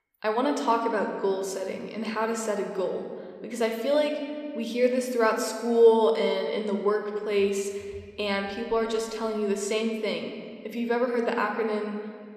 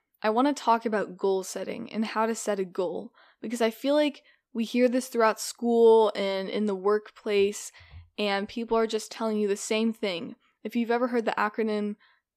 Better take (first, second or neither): second